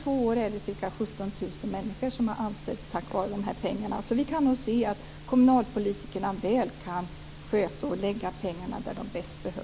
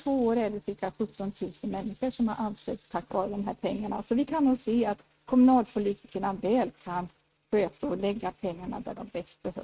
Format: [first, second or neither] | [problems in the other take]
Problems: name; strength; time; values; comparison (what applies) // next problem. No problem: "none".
first | noise reduction (neural mask model RNNoise)